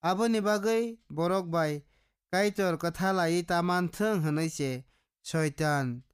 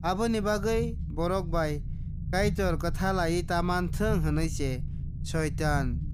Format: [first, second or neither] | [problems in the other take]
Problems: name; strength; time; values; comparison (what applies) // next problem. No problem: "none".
first | low rumble; noticeable; throughout; 20 dB below the speech